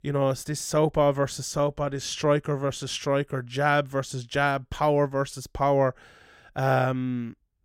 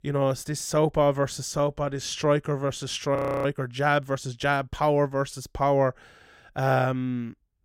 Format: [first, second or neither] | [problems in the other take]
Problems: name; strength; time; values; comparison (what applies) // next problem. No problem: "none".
first | audio freezing; at 3 s